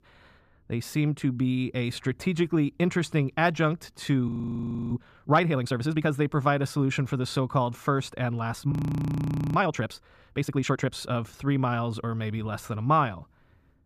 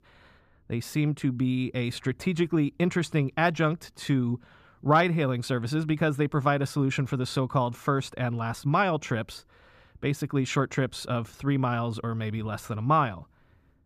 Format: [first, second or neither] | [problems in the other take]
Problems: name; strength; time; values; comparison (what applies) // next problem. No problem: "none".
second | audio freezing; at 4.5 s for 0.5 s and at 8.5 s for 1 s